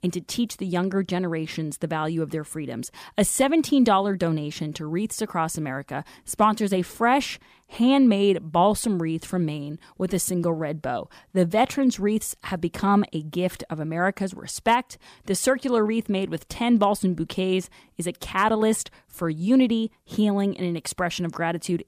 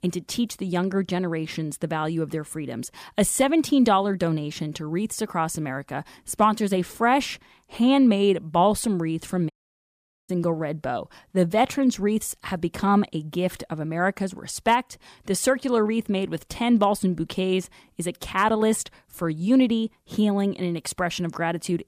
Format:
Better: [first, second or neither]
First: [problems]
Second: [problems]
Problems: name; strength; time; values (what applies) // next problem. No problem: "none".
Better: first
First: none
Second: audio cutting out; at 9.5 s for 1 s